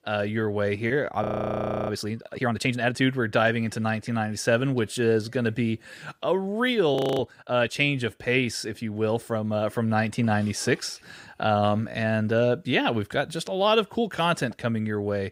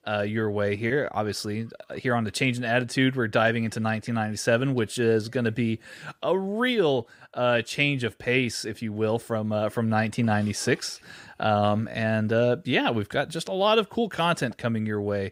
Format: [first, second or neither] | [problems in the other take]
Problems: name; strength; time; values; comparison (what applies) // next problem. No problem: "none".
second | audio freezing; at 1 s for 0.5 s and at 7 s